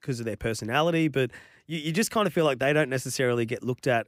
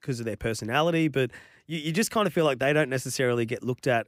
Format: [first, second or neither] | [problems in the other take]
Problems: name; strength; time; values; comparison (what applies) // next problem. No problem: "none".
neither | none